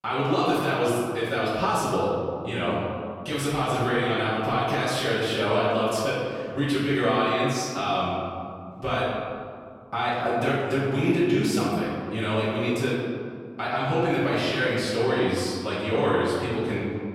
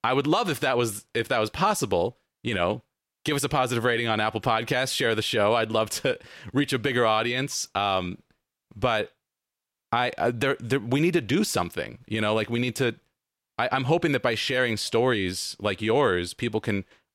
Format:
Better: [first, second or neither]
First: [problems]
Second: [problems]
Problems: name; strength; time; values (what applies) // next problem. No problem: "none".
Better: second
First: off-mic speech; far // room echo; strong; dies away in 2 s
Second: none